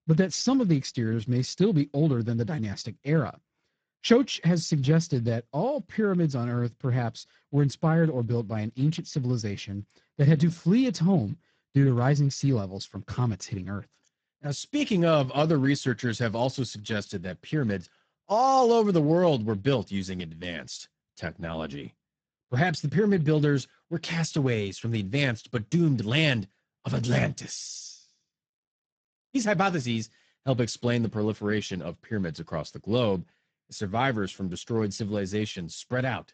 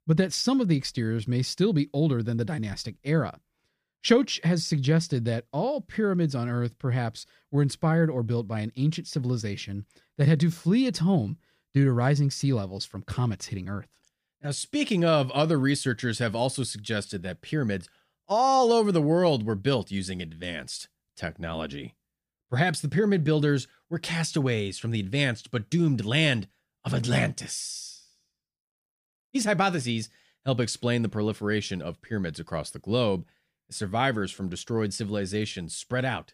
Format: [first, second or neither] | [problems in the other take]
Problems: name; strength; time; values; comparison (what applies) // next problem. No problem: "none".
second | garbled, watery; badly; nothing above 7.5 kHz